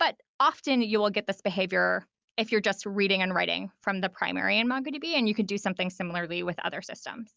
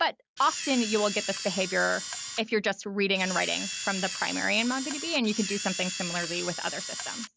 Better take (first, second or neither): first